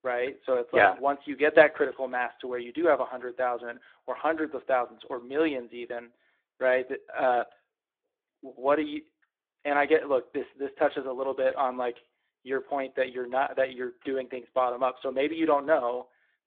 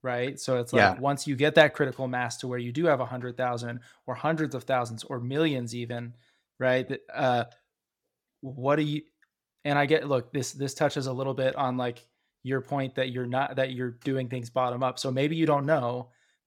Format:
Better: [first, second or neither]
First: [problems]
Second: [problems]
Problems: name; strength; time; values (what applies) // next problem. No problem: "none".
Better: second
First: phone-call audio; nothing above 3.5 kHz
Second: none